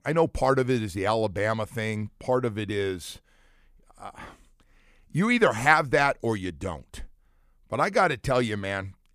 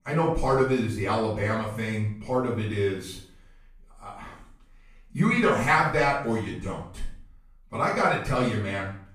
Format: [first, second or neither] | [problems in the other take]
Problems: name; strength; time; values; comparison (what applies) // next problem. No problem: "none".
first | off-mic speech; far // room echo; noticeable; dies away in 0.5 s